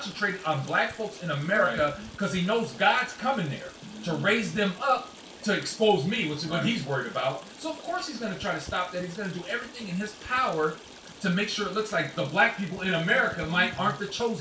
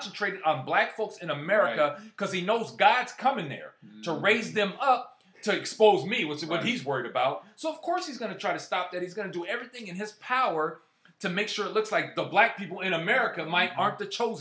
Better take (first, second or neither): second